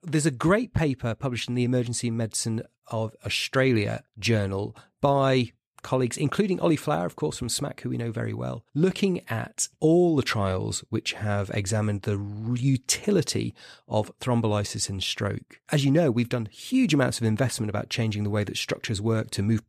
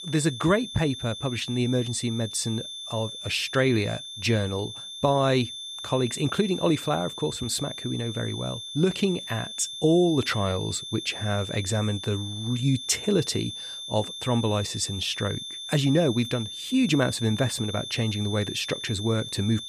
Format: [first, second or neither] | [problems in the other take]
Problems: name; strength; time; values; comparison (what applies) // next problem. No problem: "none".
first | high-pitched whine; loud; throughout; 3.5 kHz, 8 dB below the speech